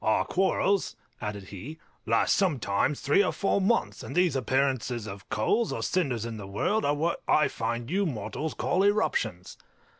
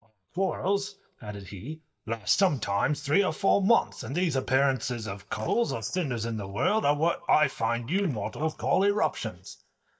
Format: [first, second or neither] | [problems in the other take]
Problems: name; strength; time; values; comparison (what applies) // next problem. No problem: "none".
first | noise reduction (neural mask model DeepFilterNet 3)